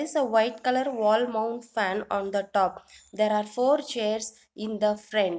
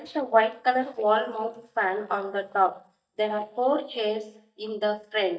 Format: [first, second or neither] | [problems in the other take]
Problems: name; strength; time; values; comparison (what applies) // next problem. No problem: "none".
first | noise reduction (neural mask model DeepFilterNet 3)